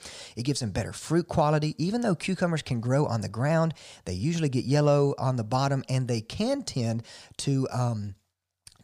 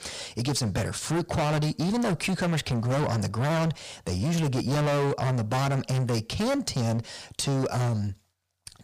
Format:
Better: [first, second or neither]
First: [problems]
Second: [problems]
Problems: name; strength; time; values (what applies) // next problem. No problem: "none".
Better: first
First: none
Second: distortion; heavy; 28% of the sound clipped